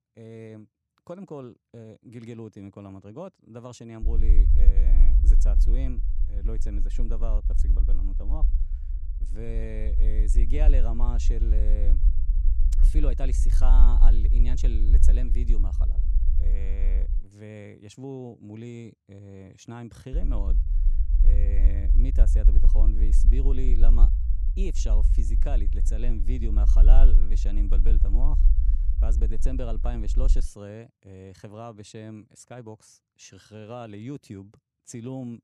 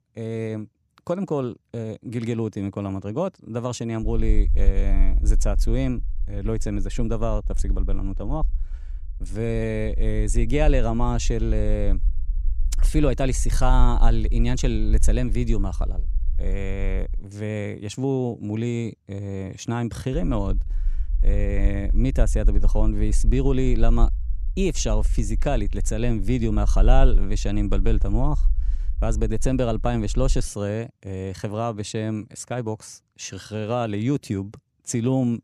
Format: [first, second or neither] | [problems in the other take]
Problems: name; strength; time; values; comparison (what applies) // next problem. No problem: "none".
second | low rumble; loud; from 4 to 17 s and from 20 to 30 s; 6 dB below the speech; faint in the second